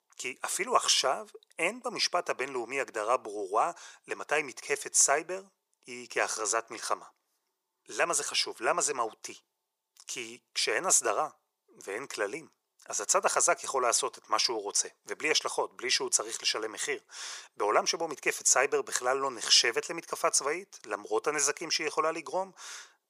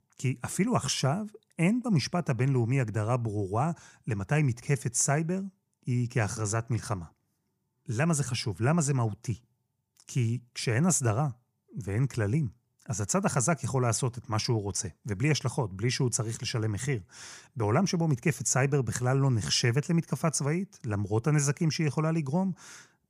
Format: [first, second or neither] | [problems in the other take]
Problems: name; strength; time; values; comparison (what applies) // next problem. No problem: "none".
second | thin; very; fading below 450 Hz